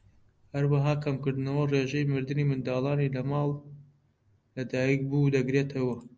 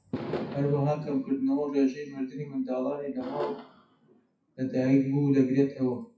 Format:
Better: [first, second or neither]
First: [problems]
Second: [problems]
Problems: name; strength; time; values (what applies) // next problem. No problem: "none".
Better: first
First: none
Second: noise reduction (classical method WPE with log-MMSE)